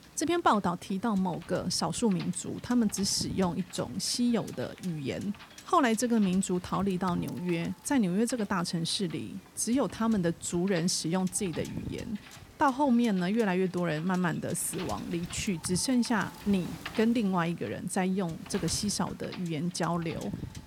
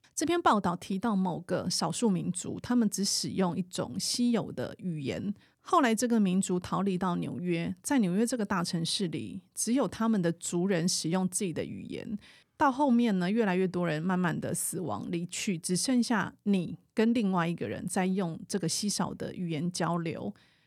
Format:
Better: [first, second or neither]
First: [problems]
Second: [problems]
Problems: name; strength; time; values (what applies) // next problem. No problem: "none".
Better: second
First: wind noise on the microphone; occasional gusts; 15 dB below the speech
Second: none